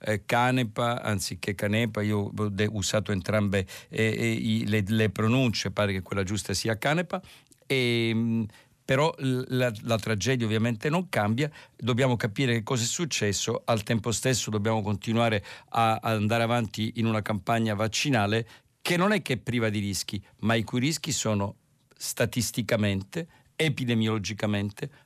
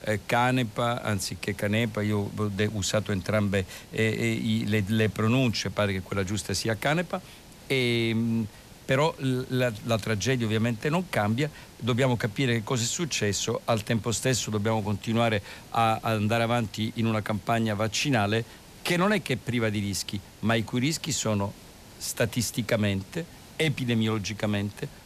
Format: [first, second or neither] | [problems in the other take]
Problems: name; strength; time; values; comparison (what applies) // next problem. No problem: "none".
first | hiss; faint; throughout; 20 dB below the speech